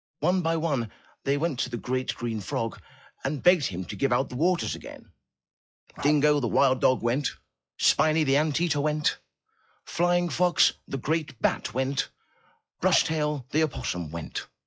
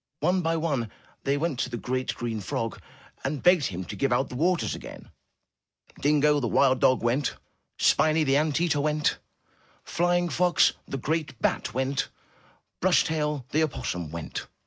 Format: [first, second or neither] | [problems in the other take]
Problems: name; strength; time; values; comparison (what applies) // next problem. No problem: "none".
second | noise reduction (classical method log-MMSE)